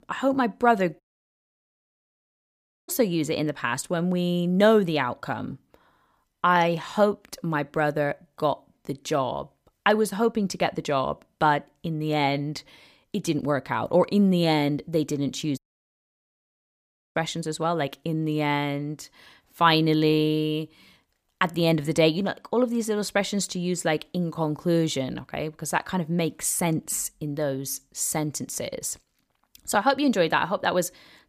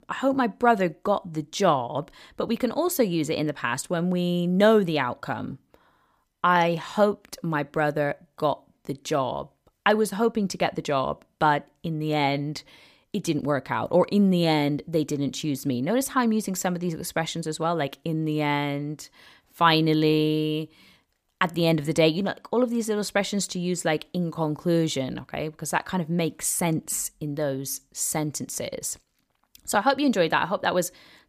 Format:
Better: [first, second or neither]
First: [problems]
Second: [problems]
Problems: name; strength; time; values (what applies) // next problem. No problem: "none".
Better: second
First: audio cutting out; at 1 s for 2 s and at 16 s for 1.5 s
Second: none